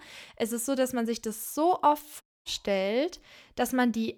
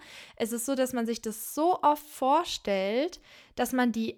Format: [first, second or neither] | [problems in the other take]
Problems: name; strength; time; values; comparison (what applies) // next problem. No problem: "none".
second | audio cutting out; at 2 s